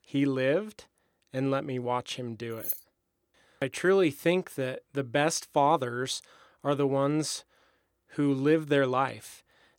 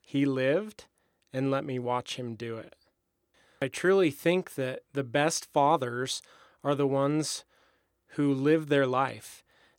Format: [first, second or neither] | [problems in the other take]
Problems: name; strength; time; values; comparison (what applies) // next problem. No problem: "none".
second | jangling keys; noticeable; at 2.5 s; peak 4 dB below the speech